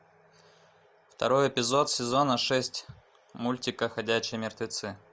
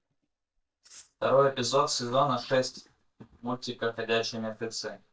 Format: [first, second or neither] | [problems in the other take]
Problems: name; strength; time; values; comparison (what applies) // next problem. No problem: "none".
first | noise reduction (neural mask model DeepFilterNet 3)